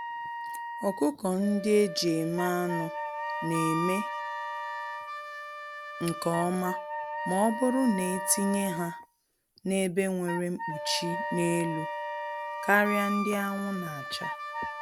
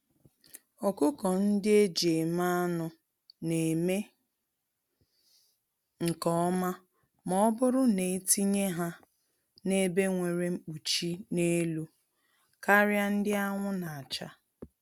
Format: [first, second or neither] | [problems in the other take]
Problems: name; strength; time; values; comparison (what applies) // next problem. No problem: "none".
second | background sound (Wind instrument, woodwind instrument + Wind instrument, woodwind instrument); 6 dB below the speech